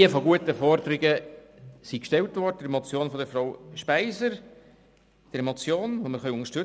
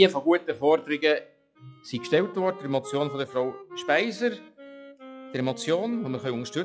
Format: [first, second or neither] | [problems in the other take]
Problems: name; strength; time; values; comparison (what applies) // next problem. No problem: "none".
first | noise reduction (classical method log-MMSE)